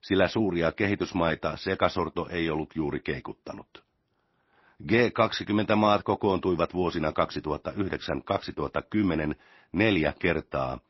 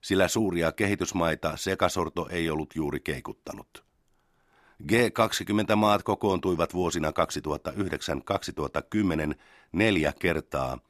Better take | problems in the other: second | garbled, watery; slightly; nothing above 5.5 kHz

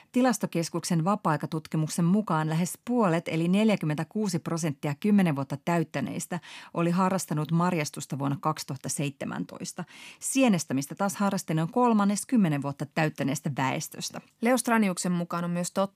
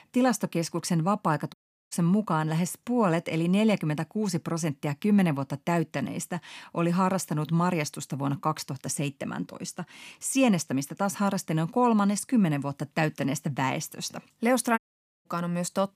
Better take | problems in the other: first | audio cutting out; at 1.5 s and at 15 s

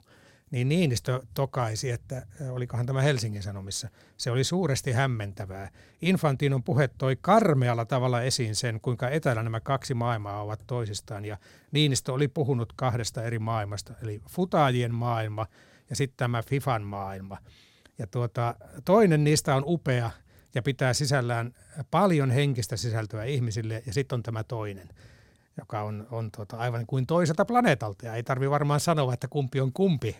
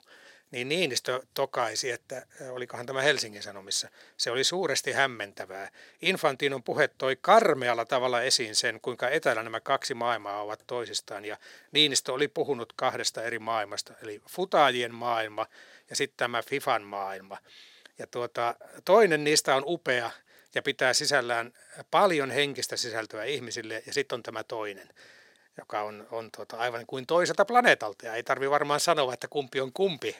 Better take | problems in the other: first | thin; very; fading below 450 Hz

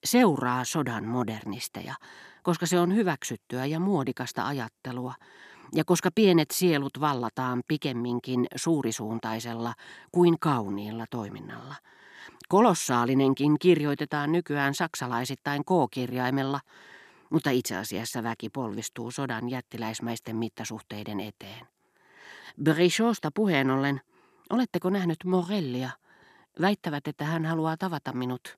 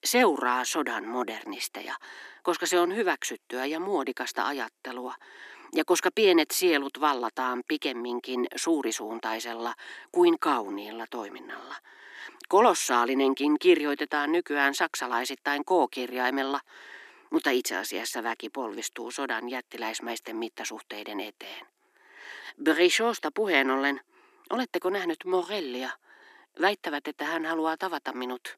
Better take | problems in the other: first | thin; somewhat; fading below 300 Hz

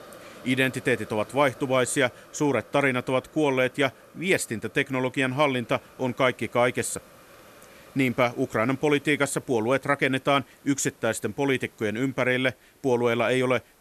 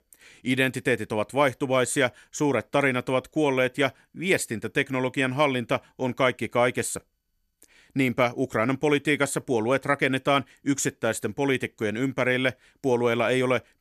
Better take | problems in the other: second | hiss; faint; throughout; 25 dB below the speech

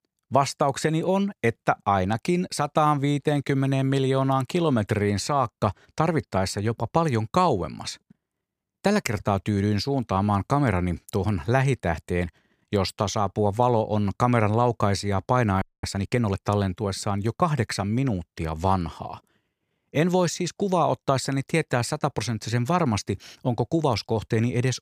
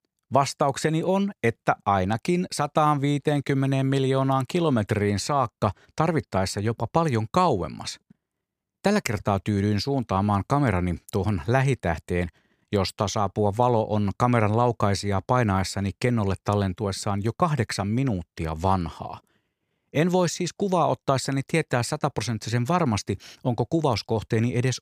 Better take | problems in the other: second | audio freezing; at 16 s

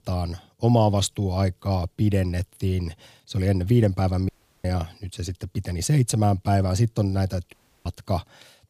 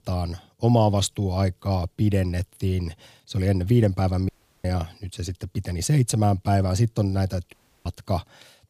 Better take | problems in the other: neither | audio cutting out; at 4.5 s and at 7.5 s; the same in both

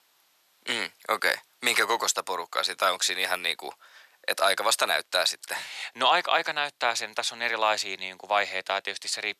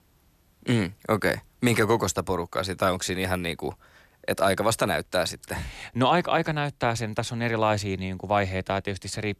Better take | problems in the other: second | thin; very; fading below 800 Hz

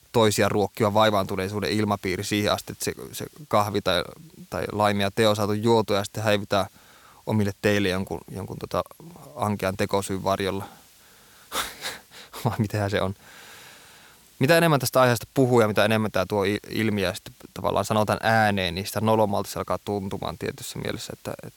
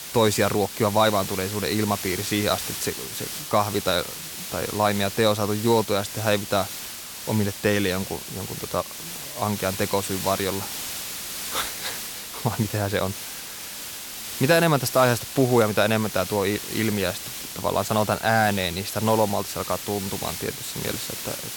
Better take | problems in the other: first | hiss; loud; throughout; 7 dB below the speech; faint in the first

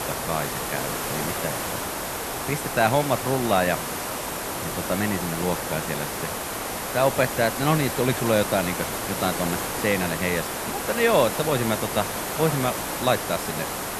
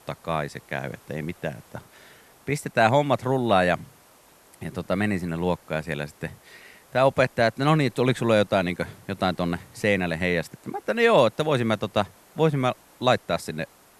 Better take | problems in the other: second | hiss; loud; throughout; 3 dB below the speech; faint in the second

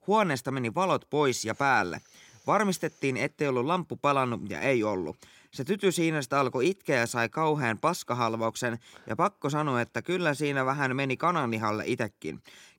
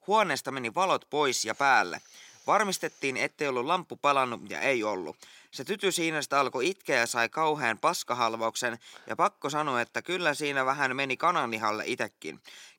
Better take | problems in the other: first | thin; somewhat; fading below 550 Hz

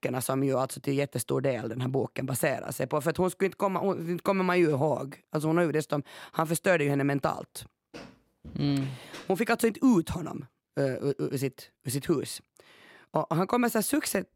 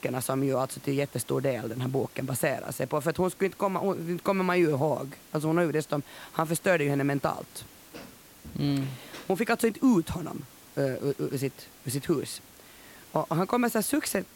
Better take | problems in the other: first | hiss; faint; throughout; 20 dB below the speech

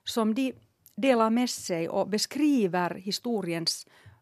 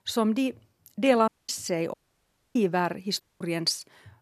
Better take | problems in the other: first | audio cutting out; at 1.5 s, at 2 s for 0.5 s and at 3 s

